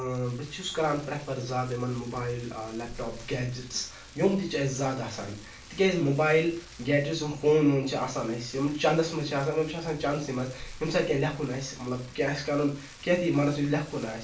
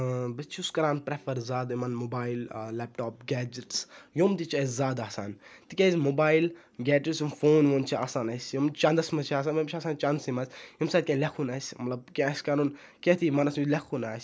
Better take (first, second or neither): second